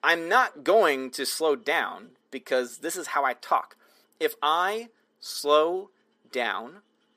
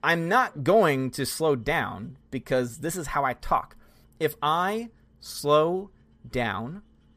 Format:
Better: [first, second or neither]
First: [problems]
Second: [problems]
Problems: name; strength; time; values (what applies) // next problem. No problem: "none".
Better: second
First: thin; somewhat; fading below 300 Hz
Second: none